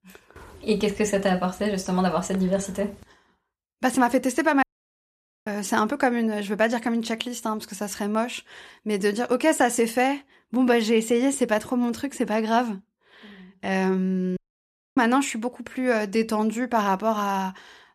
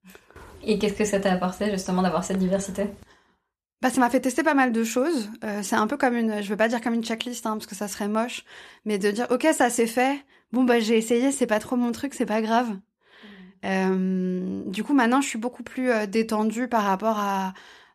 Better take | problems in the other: second | audio cutting out; at 4.5 s for 1 s and at 14 s for 0.5 s

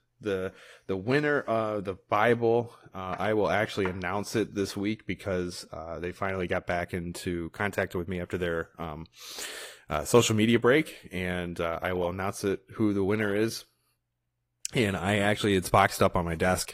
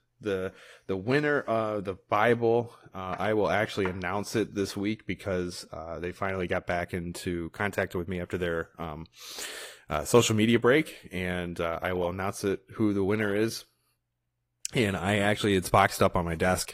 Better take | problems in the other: neither | garbled, watery; slightly; nothing above 15 kHz; the same in both

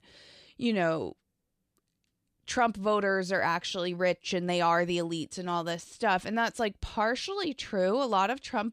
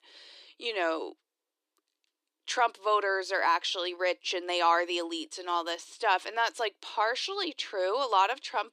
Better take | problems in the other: first | thin; very; fading below 300 Hz

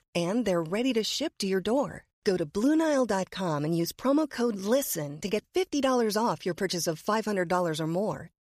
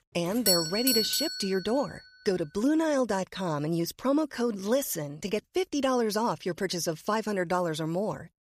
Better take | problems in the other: first | doorbell; loud; until 1.5 s; peak 4 dB above the speech

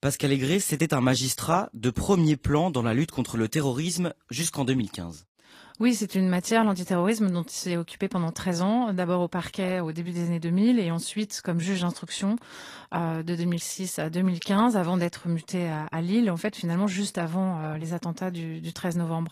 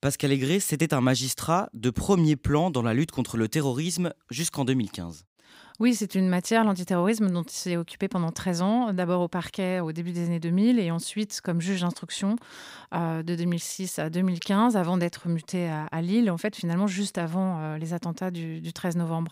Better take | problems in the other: second | garbled, watery; slightly; nothing above 14.5 kHz

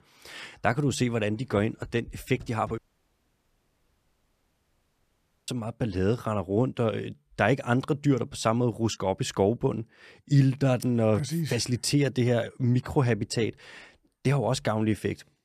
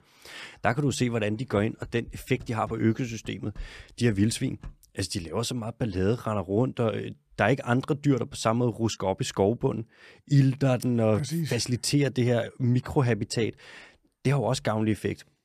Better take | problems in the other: second | audio cutting out; at 3 s for 2.5 s

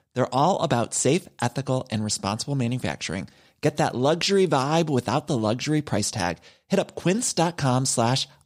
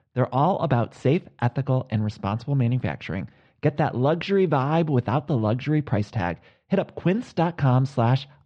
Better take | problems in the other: first | muffled; very; fading above 2.5 kHz

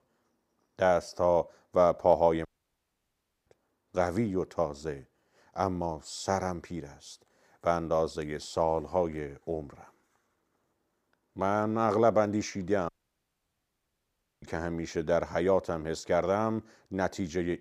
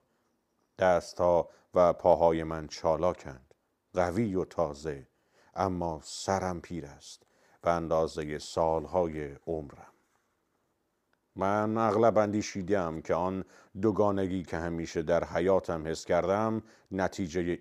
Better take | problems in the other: second | audio cutting out; at 2.5 s for 1 s and at 13 s for 1.5 s

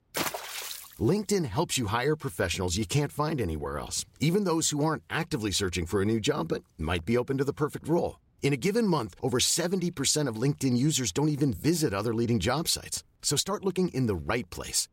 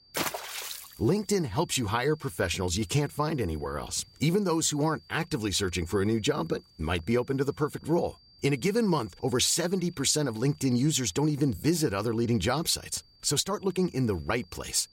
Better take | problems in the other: first | high-pitched whine; faint; throughout; 4.5 kHz, 30 dB below the speech

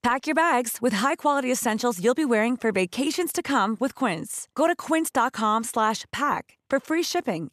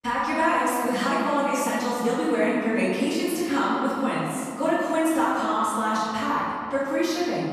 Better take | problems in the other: first | off-mic speech; far // room echo; strong; dies away in 2 s

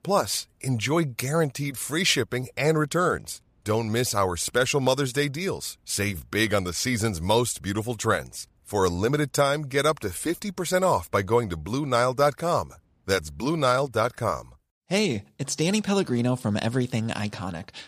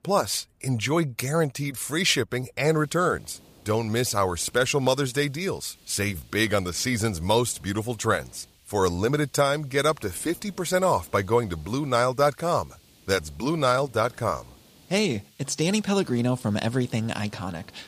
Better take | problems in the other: first | hiss; faint; from 2.5 s on; 30 dB below the speech

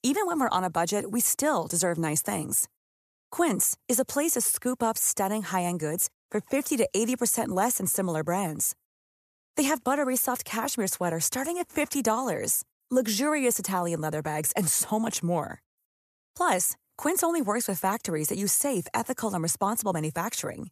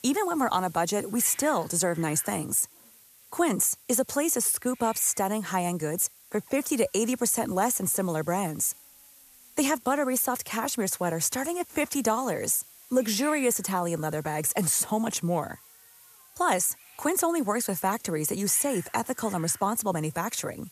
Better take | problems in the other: first | hiss; faint; throughout; 20 dB below the speech

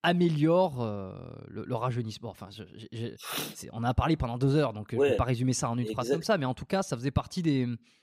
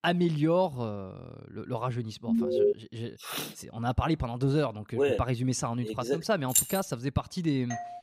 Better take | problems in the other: first | alarm; loud; at 2.5 s; peak 5 dB above the speech // jangling keys; loud; at 6.5 s; peak 4 dB above the speech // doorbell; very faint; at 7.5 s; peak 9 dB below the speech

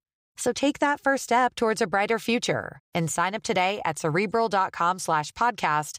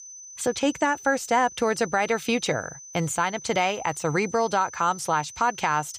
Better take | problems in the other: first | high-pitched whine; noticeable; throughout; 6 kHz, 15 dB below the speech

